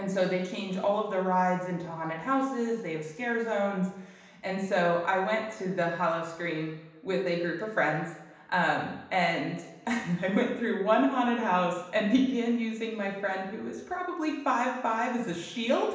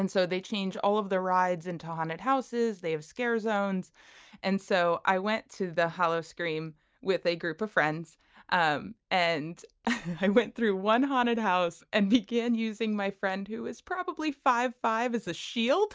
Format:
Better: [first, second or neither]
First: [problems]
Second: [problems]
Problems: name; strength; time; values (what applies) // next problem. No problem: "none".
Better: second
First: room echo; dies away in 0.9 s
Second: none